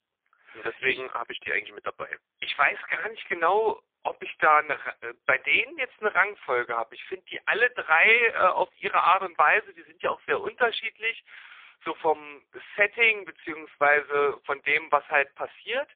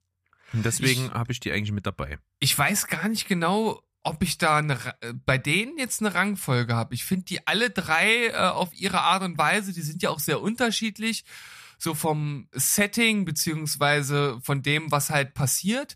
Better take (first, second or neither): second